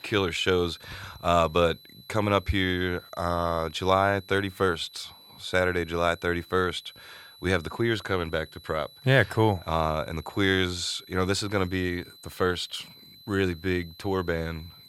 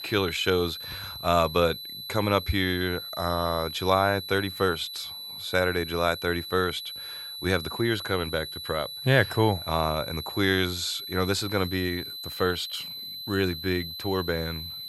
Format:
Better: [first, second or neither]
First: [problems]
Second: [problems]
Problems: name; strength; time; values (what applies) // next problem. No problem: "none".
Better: first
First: high-pitched whine; faint; throughout; 4 kHz, 20 dB below the speech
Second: high-pitched whine; loud; throughout; 4 kHz, 8 dB below the speech